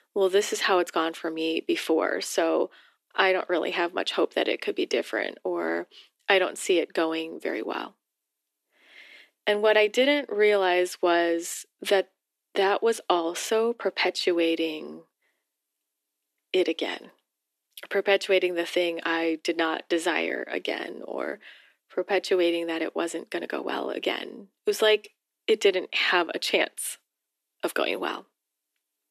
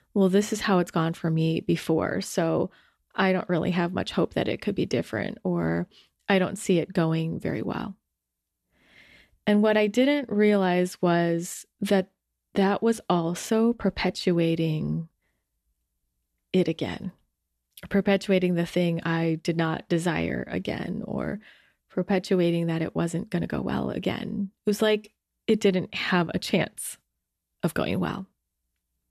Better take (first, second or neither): second